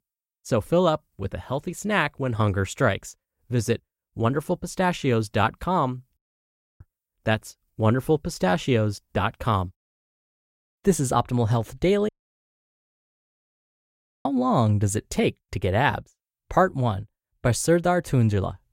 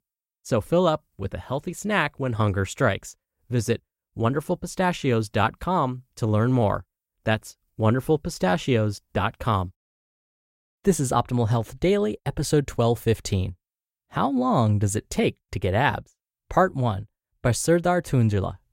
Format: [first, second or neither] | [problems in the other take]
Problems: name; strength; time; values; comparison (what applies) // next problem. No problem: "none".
second | audio cutting out; at 6 s for 0.5 s and at 12 s for 2 s